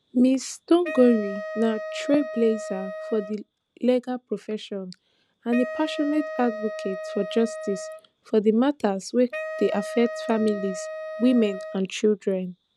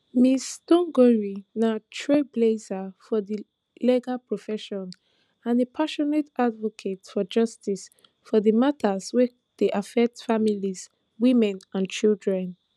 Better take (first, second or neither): second